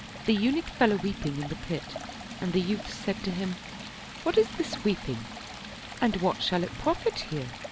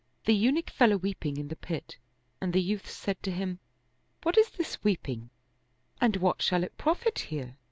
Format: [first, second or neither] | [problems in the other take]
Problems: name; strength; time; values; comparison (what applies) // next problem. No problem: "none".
second | background sound (Stream); 10 dB below the speech